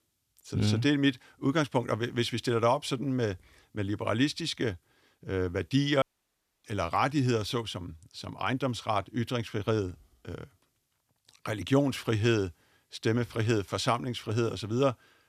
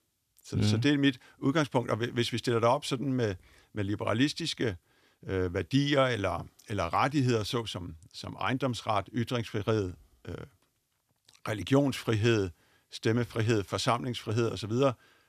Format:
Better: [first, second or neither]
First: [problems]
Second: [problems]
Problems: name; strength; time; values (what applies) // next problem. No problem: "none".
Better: second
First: audio cutting out; at 6 s for 0.5 s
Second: none